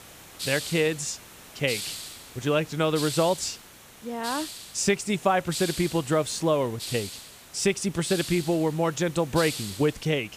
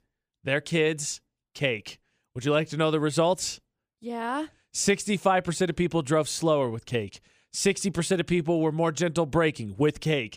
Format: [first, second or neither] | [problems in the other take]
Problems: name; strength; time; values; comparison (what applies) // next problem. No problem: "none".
second | hiss; loud; throughout; 10 dB below the speech